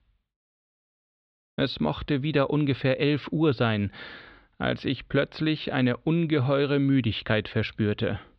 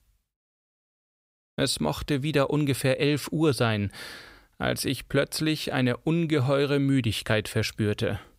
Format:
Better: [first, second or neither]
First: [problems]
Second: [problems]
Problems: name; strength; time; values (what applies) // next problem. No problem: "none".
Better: second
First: muffled; slightly; fading above 3.5 kHz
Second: none